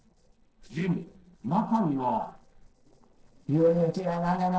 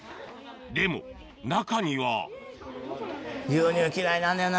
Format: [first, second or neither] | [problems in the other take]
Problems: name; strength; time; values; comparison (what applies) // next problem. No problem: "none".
second | noise reduction (neural separator model SepFormer DNS4)